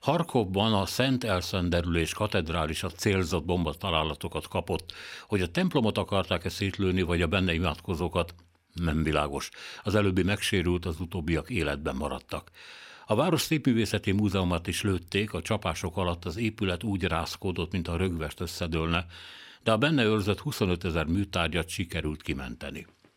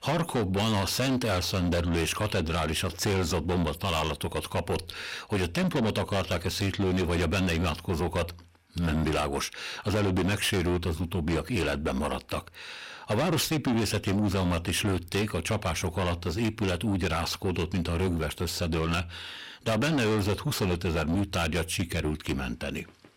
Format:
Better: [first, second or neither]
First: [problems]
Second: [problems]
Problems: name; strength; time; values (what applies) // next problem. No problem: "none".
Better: first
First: none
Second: distortion; heavy; 6 dB below the speech